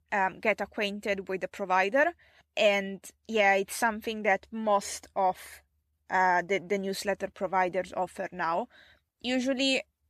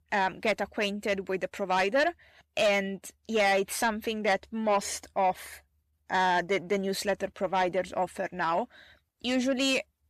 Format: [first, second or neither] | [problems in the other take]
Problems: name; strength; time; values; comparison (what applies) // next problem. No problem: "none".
first | distortion; slight; 10 dB below the speech